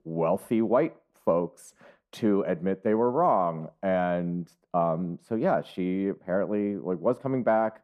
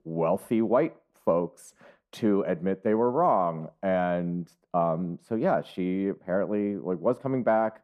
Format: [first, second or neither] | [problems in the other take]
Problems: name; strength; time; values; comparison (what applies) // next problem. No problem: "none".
neither | muffled; very; fading above 2 kHz; the same in both